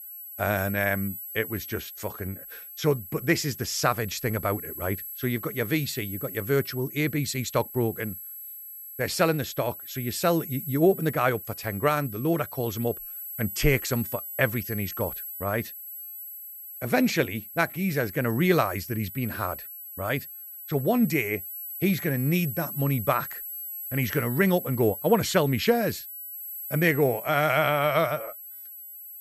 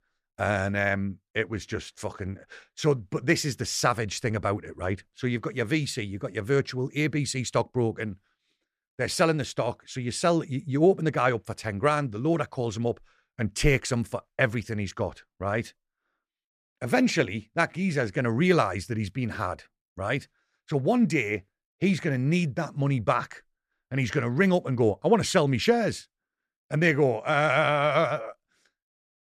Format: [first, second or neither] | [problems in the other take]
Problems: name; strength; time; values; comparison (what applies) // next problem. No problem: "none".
second | high-pitched whine; loud; throughout; 11.5 kHz, 9 dB below the speech